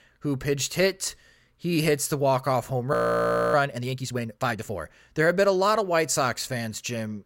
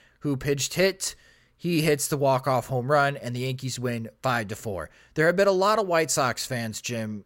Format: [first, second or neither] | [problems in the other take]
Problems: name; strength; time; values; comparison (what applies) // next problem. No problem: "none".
second | audio freezing; at 3 s for 0.5 s